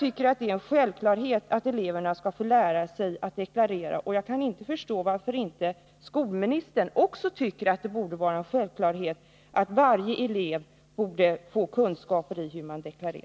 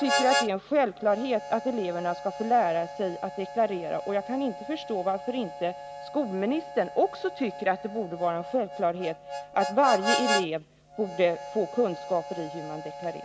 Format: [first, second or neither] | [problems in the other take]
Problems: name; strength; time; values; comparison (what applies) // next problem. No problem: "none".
first | background sound (Harmonica); 6 dB below the speech